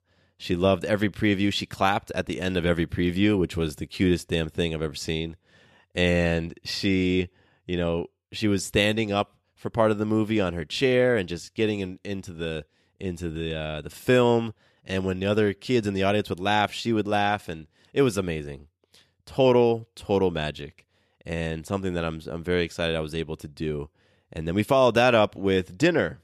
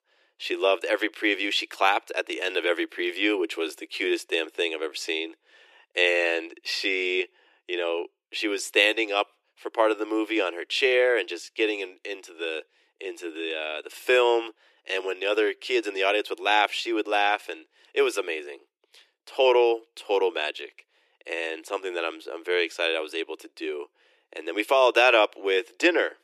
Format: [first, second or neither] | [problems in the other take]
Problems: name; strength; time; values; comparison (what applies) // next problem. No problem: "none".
first | thin; very; fading below 350 Hz